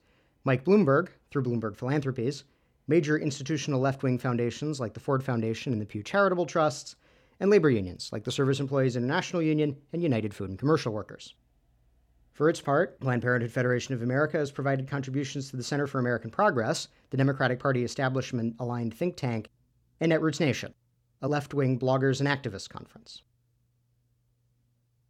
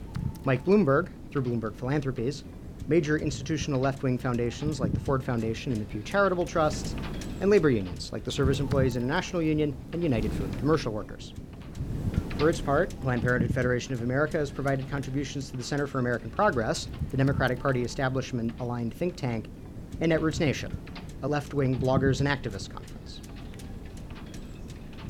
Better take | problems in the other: first | wind noise on the microphone; occasional gusts; 15 dB below the speech

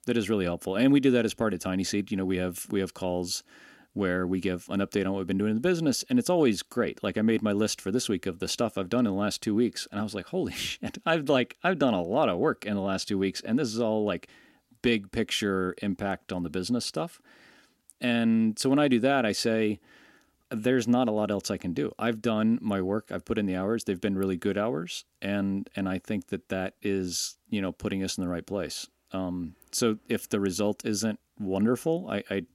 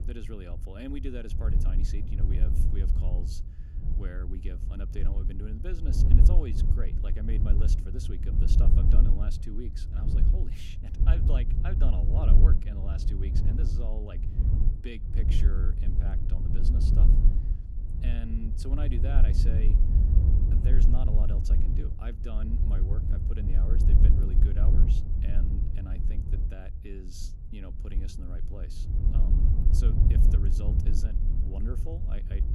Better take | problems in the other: first | wind noise on the microphone; heavy; as loud as the speech

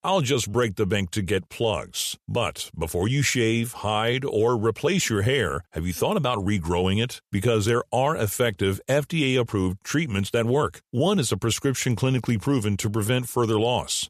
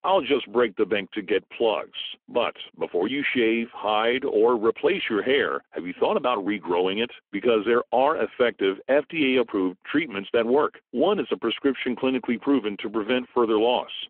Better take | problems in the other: first | phone-call audio; nothing above 3 kHz

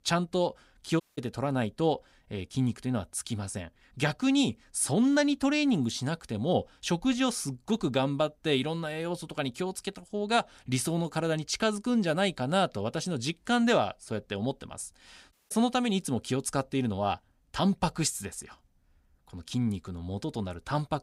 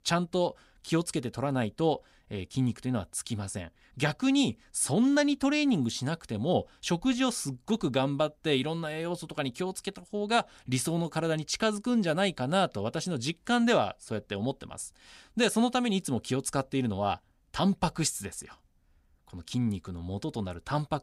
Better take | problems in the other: second | audio cutting out; at 1 s and at 15 s

